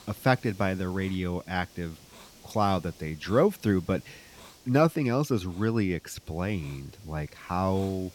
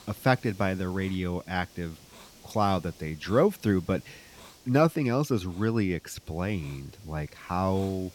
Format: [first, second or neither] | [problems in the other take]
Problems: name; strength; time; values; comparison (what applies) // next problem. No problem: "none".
neither | hiss; faint; throughout; 25 dB below the speech; the same in both